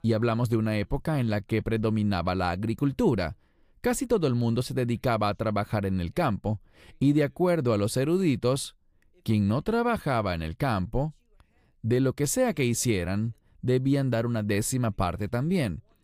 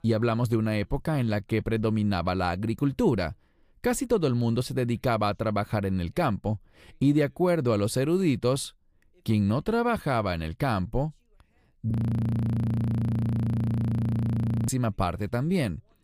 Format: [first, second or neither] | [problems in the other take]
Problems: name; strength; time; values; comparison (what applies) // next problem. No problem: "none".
first | audio freezing; at 12 s for 3 s